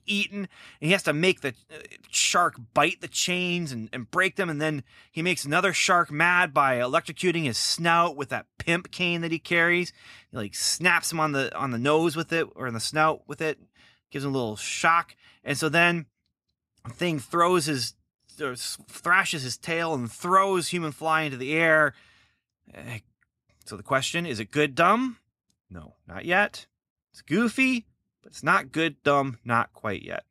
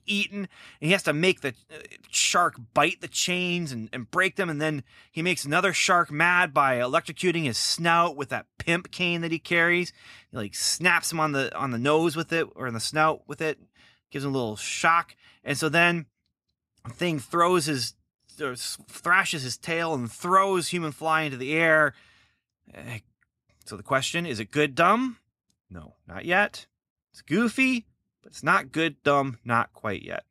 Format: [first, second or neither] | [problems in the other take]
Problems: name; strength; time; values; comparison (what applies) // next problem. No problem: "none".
neither | none